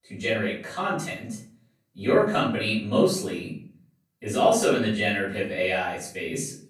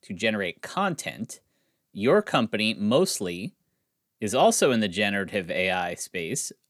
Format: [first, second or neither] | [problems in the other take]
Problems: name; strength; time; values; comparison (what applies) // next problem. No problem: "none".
second | off-mic speech; far // room echo; noticeable; dies away in 0.5 s